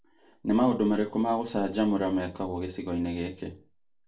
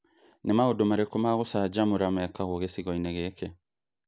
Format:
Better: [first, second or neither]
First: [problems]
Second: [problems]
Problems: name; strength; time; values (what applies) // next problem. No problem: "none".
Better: second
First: room echo; dies away in 0.3 s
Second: none